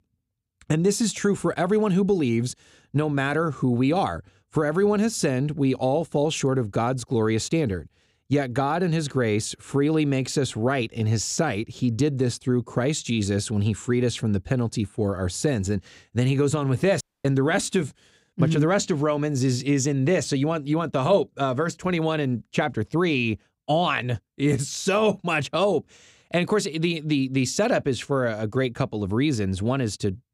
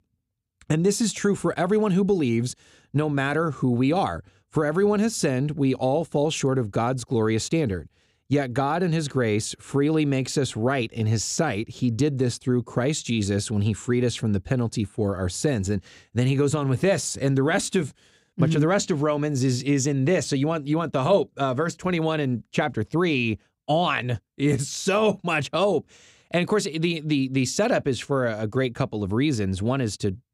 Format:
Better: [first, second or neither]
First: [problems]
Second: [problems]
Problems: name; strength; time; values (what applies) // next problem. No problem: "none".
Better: second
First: audio cutting out; at 17 s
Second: none